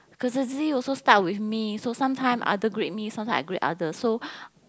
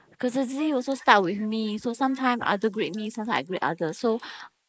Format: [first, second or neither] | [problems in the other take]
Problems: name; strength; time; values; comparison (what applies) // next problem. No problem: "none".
first | noise reduction (neural mask model Resemble Enhance denoiser)